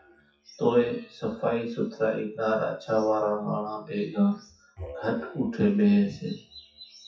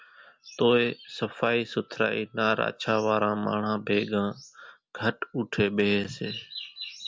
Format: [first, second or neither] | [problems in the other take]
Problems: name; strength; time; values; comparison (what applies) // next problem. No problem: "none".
second | noise reduction (classical method WPE with log-MMSE)